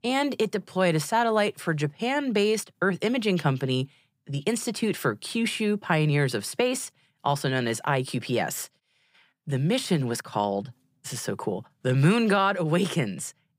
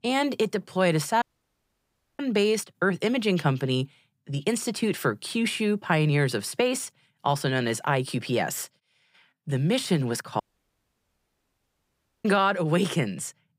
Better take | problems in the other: first | audio cutting out; at 1 s for 1 s and at 10 s for 2 s

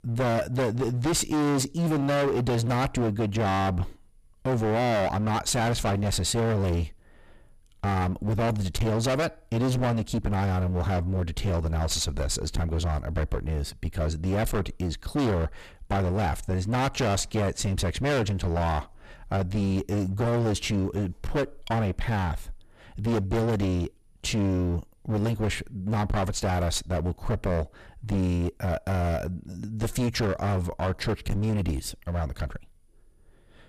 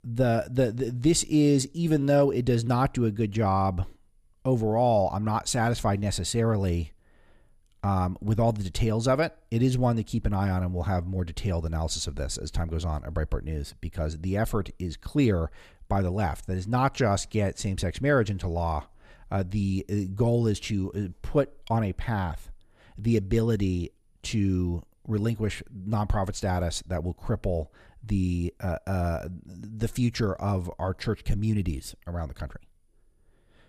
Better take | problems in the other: second | distortion; heavy; 25% of the sound clipped

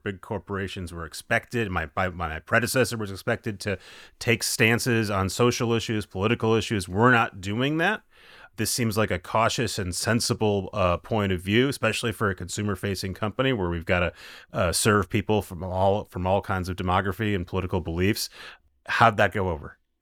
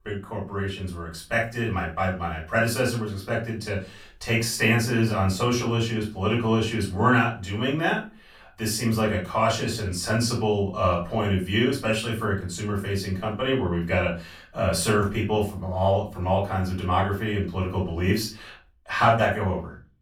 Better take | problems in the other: first | off-mic speech; far // room echo; slight; dies away in 0.3 s

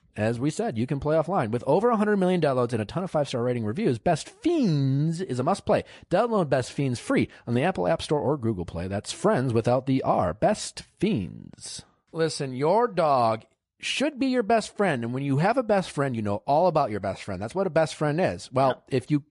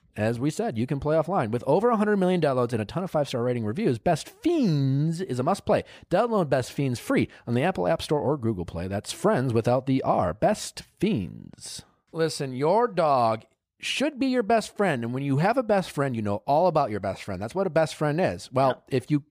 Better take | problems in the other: second | garbled, watery; slightly; nothing above 10.5 kHz

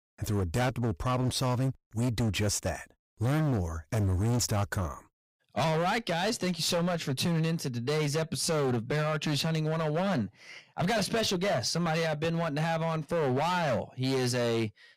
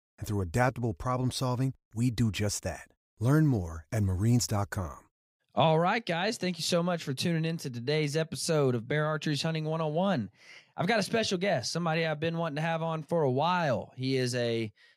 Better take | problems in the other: second | distortion; heavy; 20% of the sound clipped

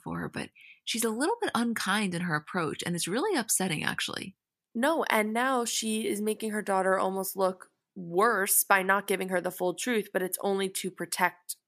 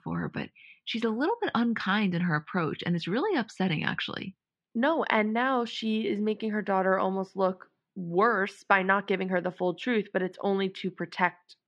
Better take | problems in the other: first | muffled; slightly; fading above 4 kHz

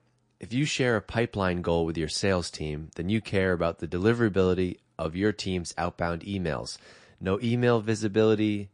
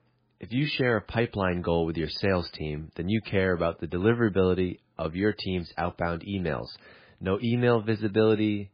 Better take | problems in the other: first | garbled, watery; badly; slightly in the first

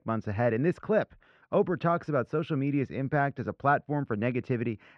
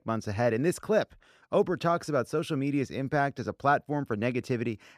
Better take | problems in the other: second | muffled; very; fading above 2 kHz

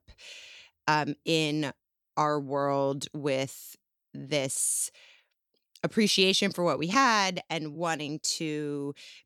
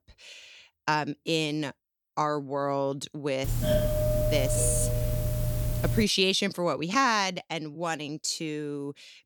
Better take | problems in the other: first | doorbell; loud; from 3.5 to 6 s; peak 3 dB above the speech

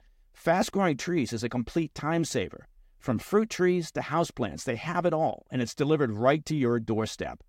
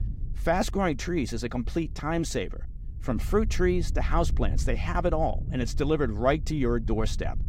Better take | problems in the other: first | low rumble; faint; throughout; 20 dB below the speech

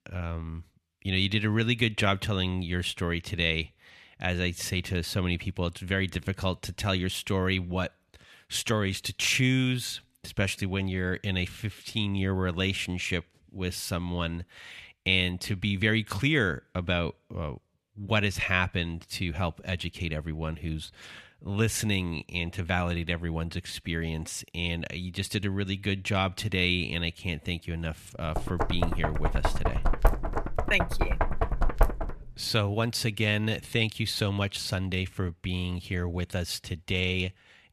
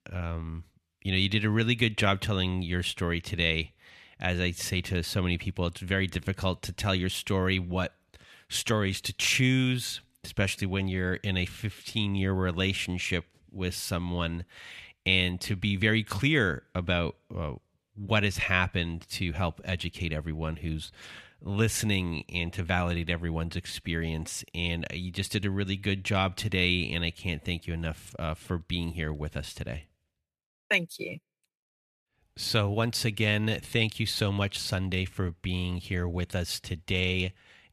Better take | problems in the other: second | door banging; loud; from 28 to 32 s; peak 1 dB above the speech

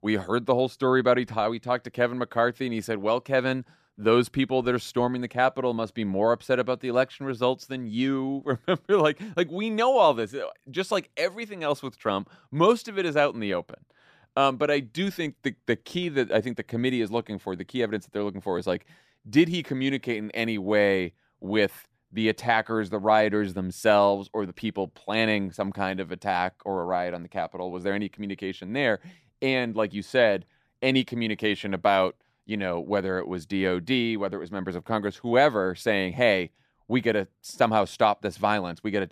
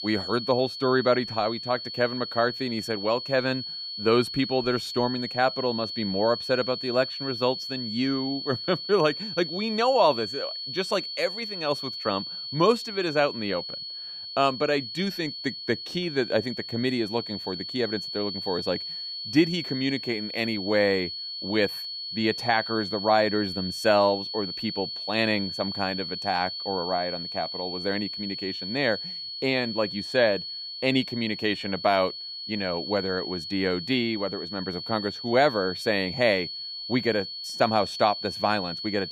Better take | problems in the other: first | high-pitched whine; loud; throughout; 4.5 kHz, 6 dB below the speech

